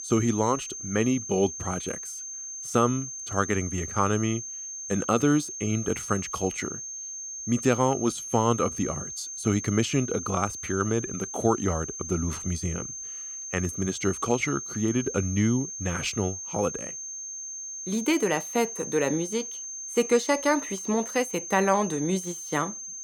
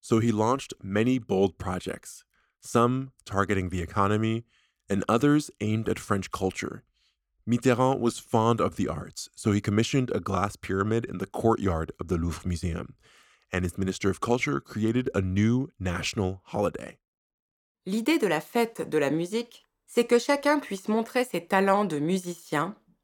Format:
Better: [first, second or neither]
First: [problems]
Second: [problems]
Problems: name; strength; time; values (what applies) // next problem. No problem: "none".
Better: second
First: high-pitched whine; loud; throughout; 6.5 kHz, 7 dB below the speech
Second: none